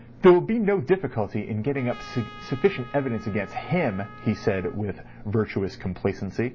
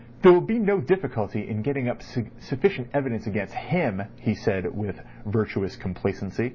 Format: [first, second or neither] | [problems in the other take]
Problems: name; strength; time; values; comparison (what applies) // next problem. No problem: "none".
second | background sound (Trumpet); 20 dB below the speech